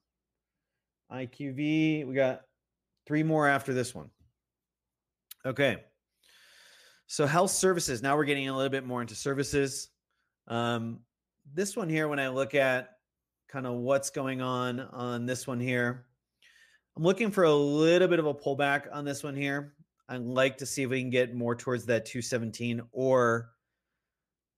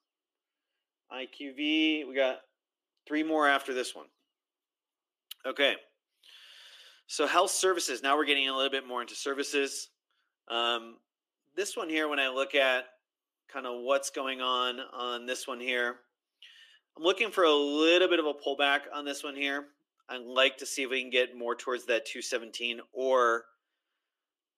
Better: first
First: none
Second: thin; somewhat; fading below 300 Hz

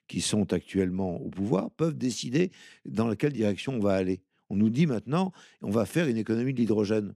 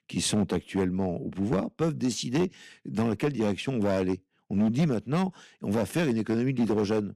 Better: first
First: none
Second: distortion; slight; 6% of the sound clipped

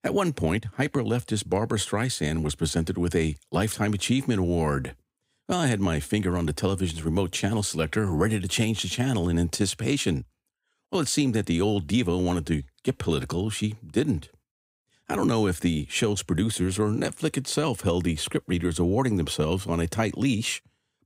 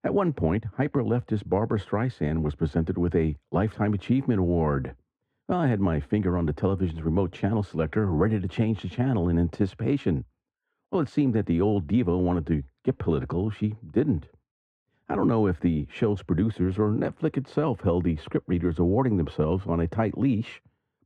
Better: first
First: none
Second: muffled; very; fading above 4 kHz

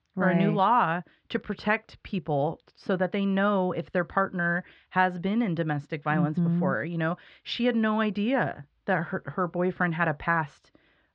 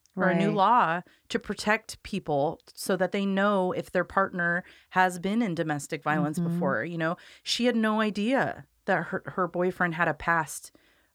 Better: second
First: muffled; slightly; fading above 3.5 kHz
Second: none

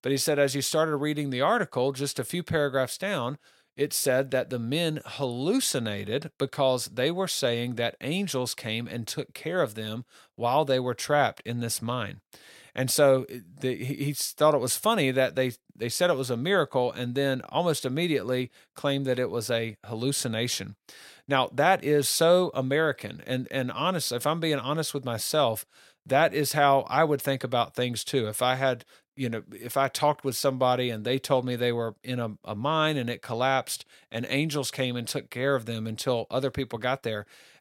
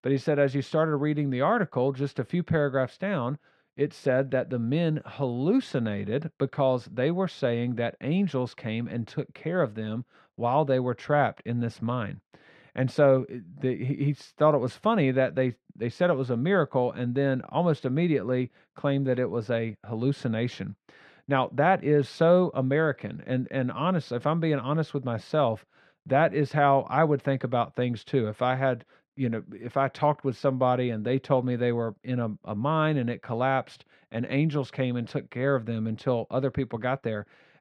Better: first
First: none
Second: muffled; very; fading above 2 kHz

